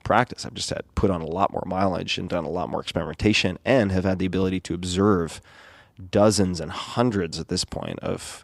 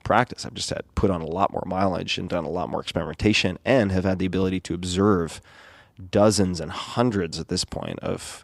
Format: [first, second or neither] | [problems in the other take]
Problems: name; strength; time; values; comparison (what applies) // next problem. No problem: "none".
neither | none